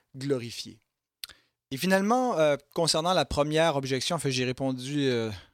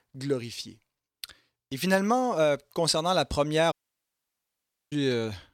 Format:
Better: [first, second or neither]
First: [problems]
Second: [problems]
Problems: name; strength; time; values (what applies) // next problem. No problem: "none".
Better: first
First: none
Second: audio cutting out; at 3.5 s for 1 s